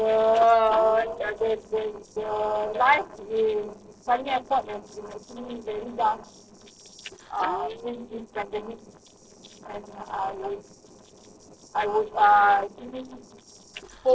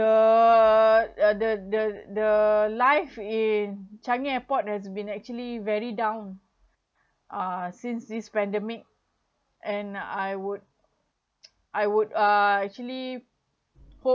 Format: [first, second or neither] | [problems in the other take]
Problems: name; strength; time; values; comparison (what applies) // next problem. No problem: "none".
second | noise reduction (neural separator model SepFormer DNS4)